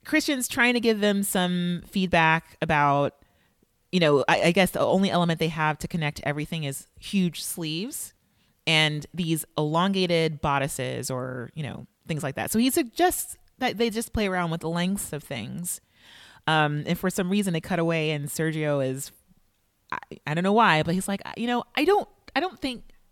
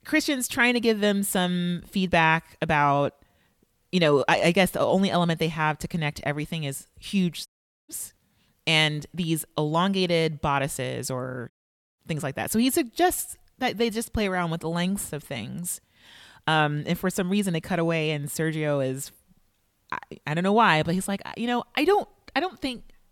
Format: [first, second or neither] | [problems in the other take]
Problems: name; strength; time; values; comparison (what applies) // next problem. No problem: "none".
first | audio cutting out; at 7.5 s and at 12 s